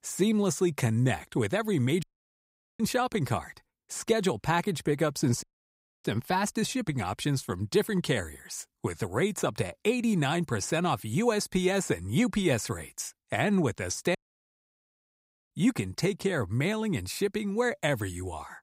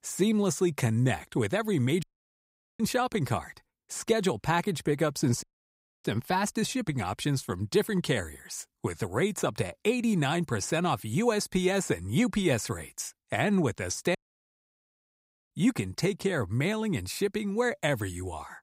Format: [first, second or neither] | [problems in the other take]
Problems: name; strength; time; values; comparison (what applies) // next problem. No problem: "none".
neither | audio cutting out; at 2 s for 1 s, at 5.5 s for 0.5 s and at 14 s for 1.5 s; the same in both